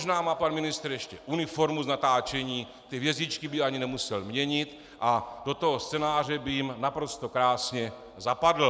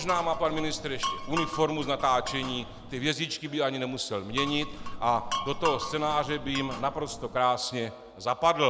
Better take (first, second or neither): first